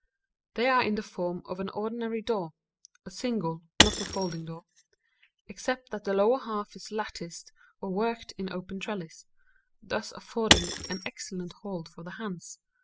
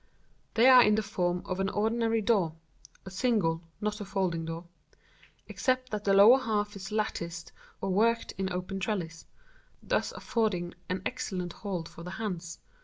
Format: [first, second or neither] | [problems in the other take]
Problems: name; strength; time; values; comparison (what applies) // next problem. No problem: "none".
second | noise reduction (classical method spectral subtraction)